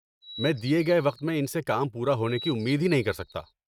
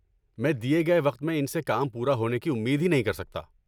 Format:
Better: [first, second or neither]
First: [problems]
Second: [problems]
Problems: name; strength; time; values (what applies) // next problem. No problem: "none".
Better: second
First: noise reduction (neural mask model RNNoise)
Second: none